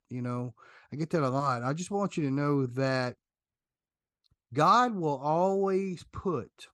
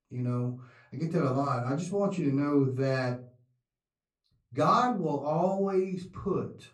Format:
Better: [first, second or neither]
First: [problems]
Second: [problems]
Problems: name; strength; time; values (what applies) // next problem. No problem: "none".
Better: first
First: none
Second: off-mic speech; far // room echo; very slight; dies away in 0.3 s